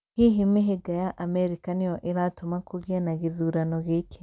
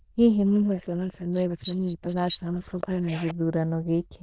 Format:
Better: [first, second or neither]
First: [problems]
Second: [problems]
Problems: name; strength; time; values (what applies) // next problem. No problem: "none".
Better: first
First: none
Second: noise reduction (neural diffusion model UNIVERSE++)